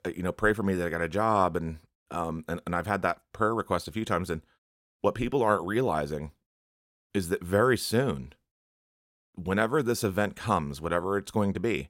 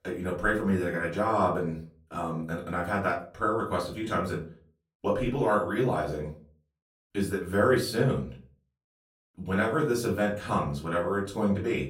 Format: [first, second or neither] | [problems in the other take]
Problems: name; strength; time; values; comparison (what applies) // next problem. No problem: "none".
first | room echo; slight; dies away in 0.3 s // off-mic speech; far